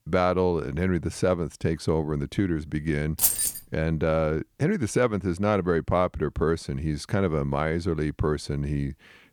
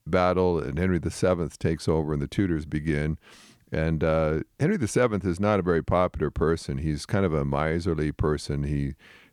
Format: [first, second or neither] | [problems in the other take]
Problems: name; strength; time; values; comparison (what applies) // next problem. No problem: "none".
second | jangling keys; loud; at 3 s; peak 5 dB above the speech